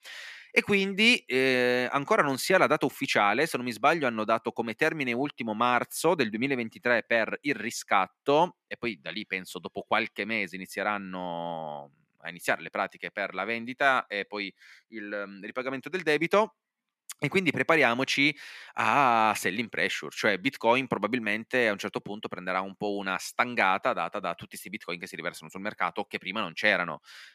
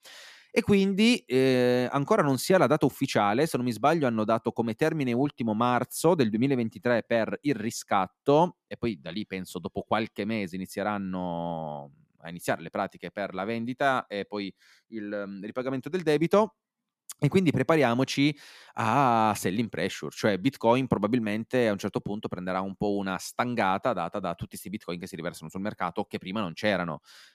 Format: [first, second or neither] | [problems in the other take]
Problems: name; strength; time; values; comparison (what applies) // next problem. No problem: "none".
second | thin; very slightly; fading below 300 Hz